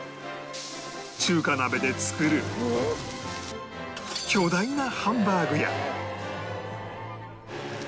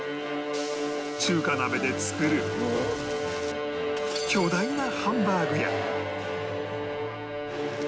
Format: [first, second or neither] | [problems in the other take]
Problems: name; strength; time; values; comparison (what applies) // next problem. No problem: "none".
first | background sound (Bowed string instrument); 2 dB below the speech